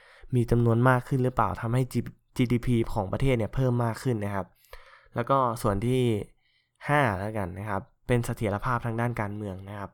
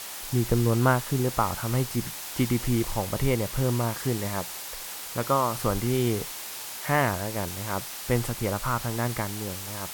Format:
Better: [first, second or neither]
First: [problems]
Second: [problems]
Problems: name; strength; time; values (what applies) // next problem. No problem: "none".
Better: first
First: none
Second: hiss; loud; throughout; 7 dB below the speech